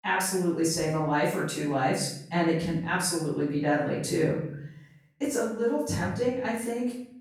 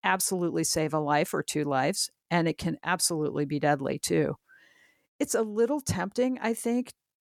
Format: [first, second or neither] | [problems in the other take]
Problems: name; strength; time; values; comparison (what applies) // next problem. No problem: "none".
second | off-mic speech; far // room echo; noticeable; dies away in 0.7 s